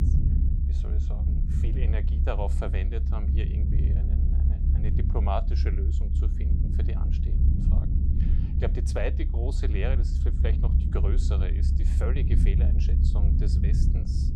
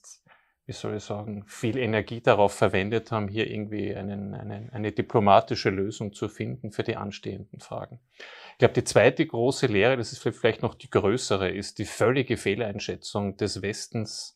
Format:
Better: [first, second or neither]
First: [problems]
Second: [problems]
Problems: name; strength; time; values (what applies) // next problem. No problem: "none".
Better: second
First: low rumble; loud; throughout; 3 dB below the speech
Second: none